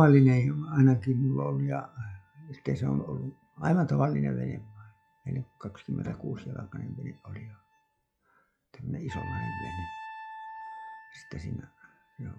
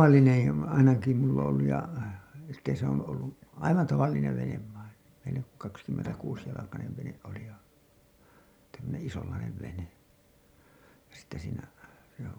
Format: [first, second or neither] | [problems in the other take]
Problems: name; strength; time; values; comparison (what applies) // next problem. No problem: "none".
second | noise reduction (classical method log-MMSE)